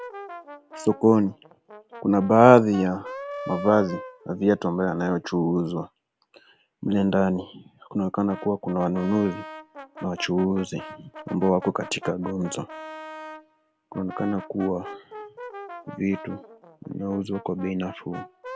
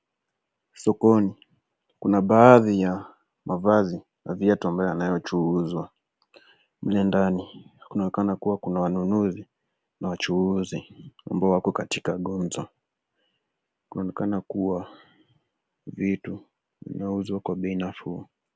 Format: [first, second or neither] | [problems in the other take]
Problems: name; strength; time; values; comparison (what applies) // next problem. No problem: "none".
second | background sound (Brass instrument); 16 dB below the speech